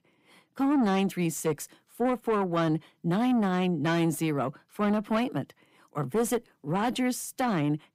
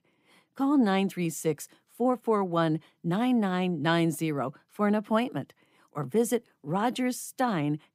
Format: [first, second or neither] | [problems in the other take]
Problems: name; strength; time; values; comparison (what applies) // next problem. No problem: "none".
second | distortion; slight; 10 dB below the speech